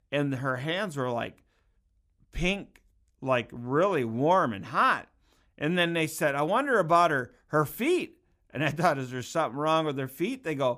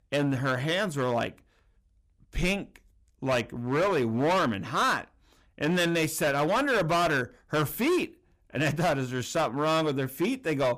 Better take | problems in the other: first | distortion; heavy; 13% of the sound clipped

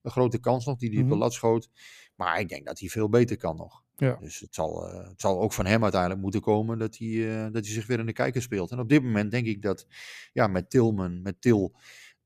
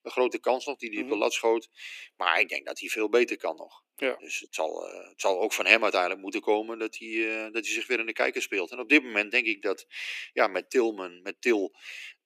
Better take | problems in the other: first | thin; somewhat; fading below 300 Hz

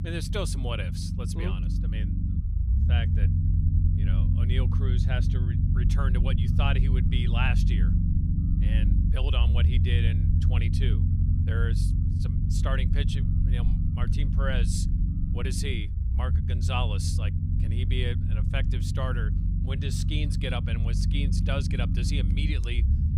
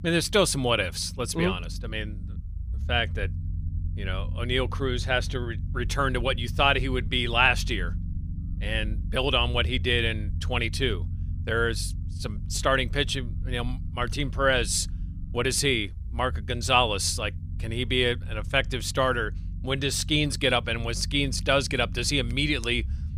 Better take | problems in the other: second | low rumble; loud; throughout; 4 dB below the speech; faint in the second

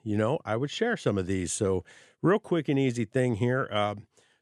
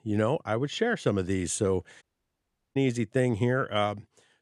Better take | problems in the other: first | audio cutting out; at 2 s for 0.5 s

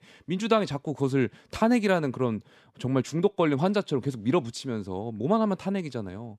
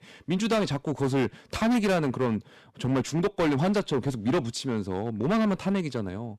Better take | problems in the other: first | distortion; heavy; 13% of the sound clipped

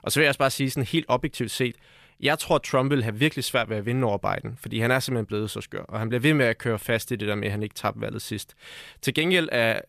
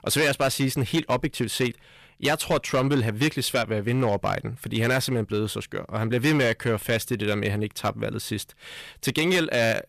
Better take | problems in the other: first | distortion; slight; 7% of the sound clipped

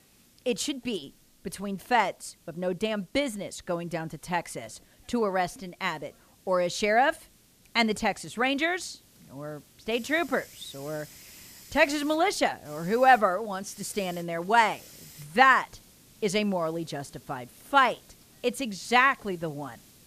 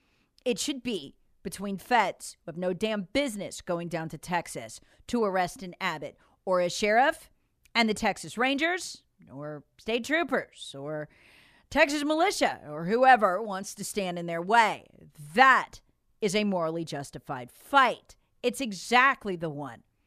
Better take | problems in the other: second | hiss; faint; throughout; 25 dB below the speech

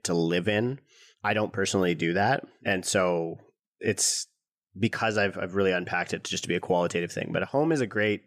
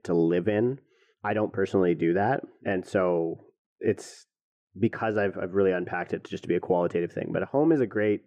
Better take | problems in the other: first | muffled; very; fading above 3 kHz

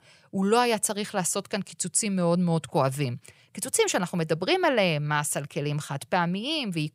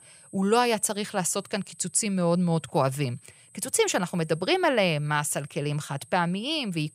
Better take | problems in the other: first | high-pitched whine; faint; throughout; 8 kHz, 25 dB below the speech

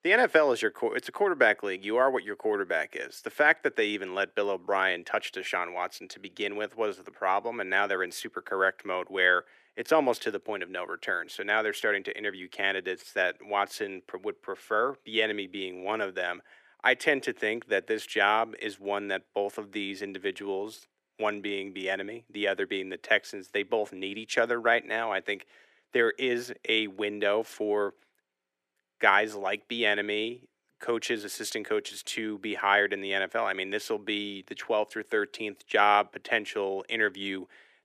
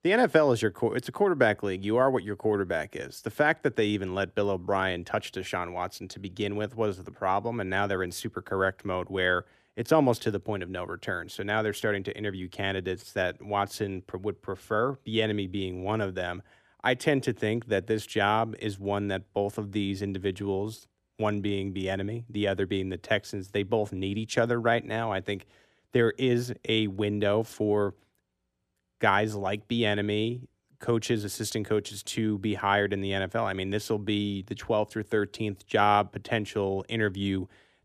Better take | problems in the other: second | thin; somewhat; fading below 400 Hz

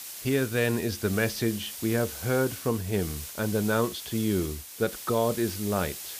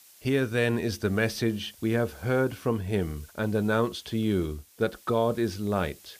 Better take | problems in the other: second | hiss; loud; throughout; 9 dB below the speech; faint in the second

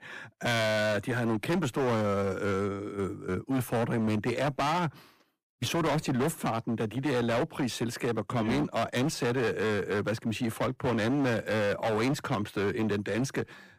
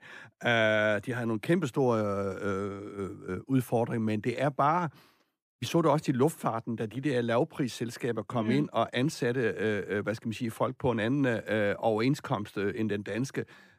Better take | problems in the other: second | distortion; heavy; 21% of the sound clipped

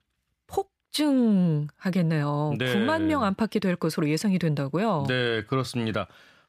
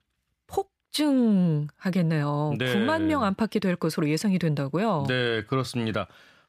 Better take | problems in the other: neither | none

